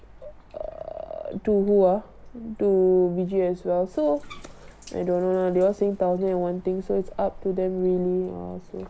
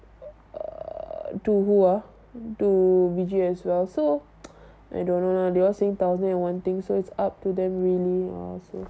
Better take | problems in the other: second | background sound (Bathtub (filling or washing)); 20 dB below the speech

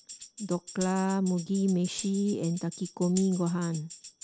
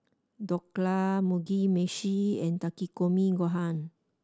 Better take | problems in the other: second | background sound (Tambourine); 14 dB below the speech

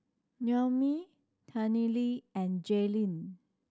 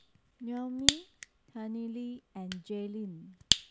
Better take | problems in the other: first | background sound (Fire); 4 dB above the speech

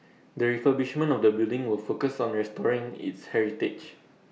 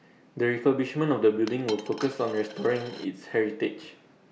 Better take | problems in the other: first | background sound (Coin (dropping)); 20 dB below the speech

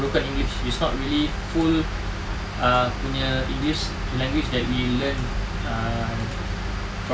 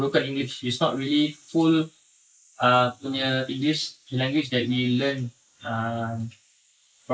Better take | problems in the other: first | noise reduction (neural mask model Resemble Enhance denoiser)

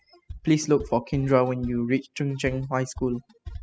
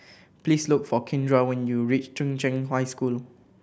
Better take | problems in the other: second | noise reduction (classical method spectral subtraction)

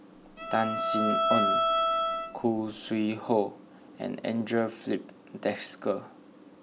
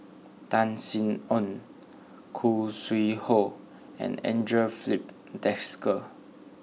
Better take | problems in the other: second | background sound (Bowed string instrument); 3 dB above the speech

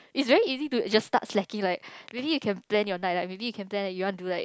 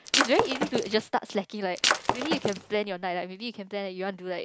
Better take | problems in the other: first | background sound (Shatter); 2 dB above the speech

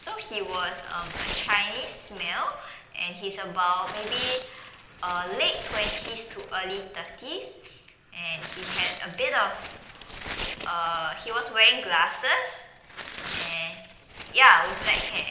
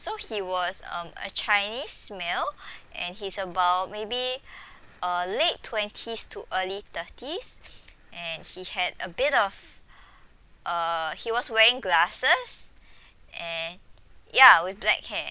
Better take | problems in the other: second | background sound (Tearing); 12 dB below the speech // room echo; dies away in 0.8 s

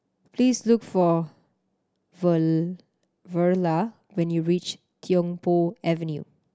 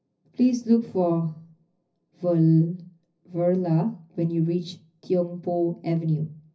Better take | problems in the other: first | room echo; dies away in 0.4 s

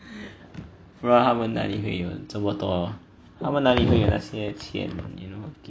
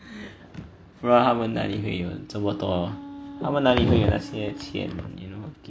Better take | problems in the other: first | background sound (Wind instrument, woodwind instrument); 15 dB below the speech

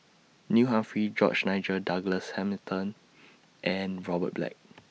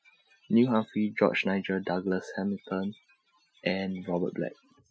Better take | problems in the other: first | noise reduction (classical method Wiener filter)

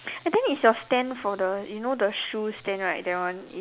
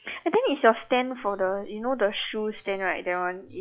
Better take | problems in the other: first | noise reduction (classical method log-MMSE)

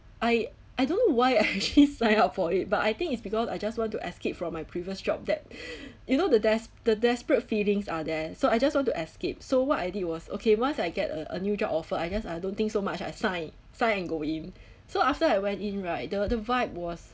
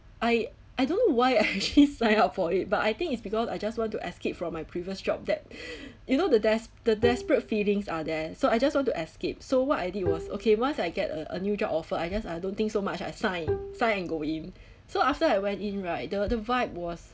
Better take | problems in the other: first | background sound (Bowed string instrument); 8 dB below the speech

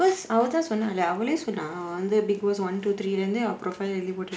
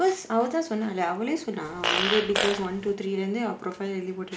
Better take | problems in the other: first | background sound (Fart); 1 dB below the speech

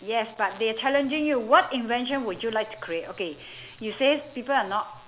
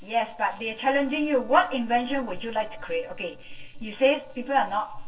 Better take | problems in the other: first | noise reduction (neural separator model SepFormer DNS4)

